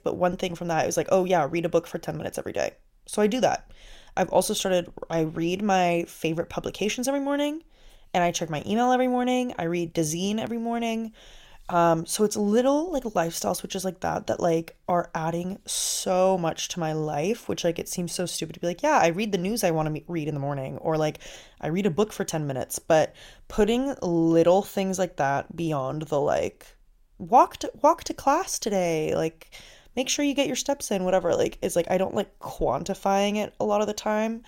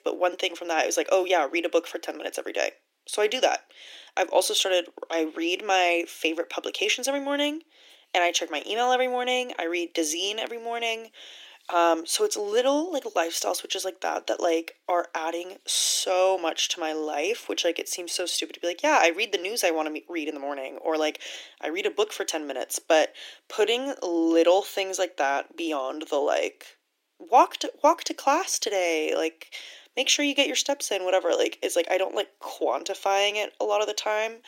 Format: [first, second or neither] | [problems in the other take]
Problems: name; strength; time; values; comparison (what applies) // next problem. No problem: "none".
first | thin; somewhat; fading below 300 Hz